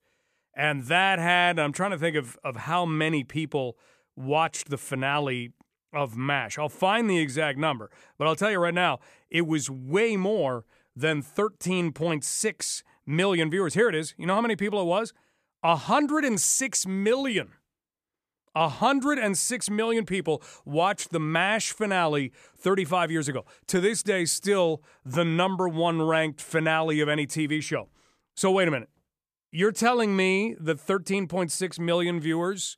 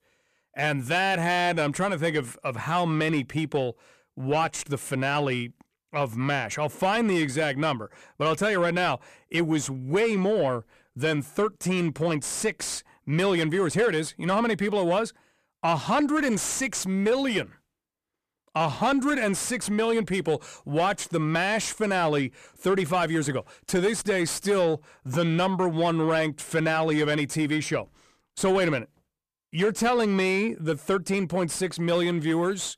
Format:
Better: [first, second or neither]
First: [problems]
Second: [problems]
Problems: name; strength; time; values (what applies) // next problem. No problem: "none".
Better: first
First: none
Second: distortion; slight; 10 dB below the speech